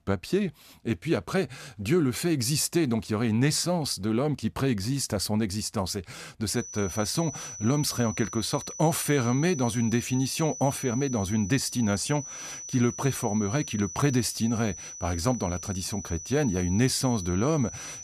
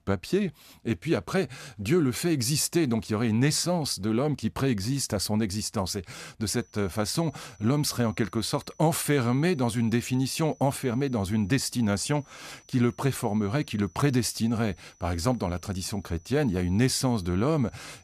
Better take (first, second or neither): second